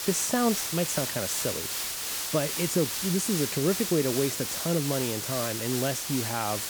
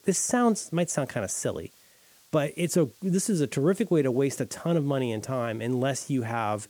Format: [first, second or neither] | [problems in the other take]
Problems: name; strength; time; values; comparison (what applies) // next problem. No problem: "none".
second | hiss; loud; throughout; 1 dB below the speech; faint in the second